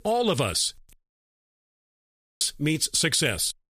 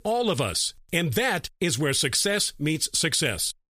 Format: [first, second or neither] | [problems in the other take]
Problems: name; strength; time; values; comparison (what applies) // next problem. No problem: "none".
second | audio cutting out; at 1 s for 1.5 s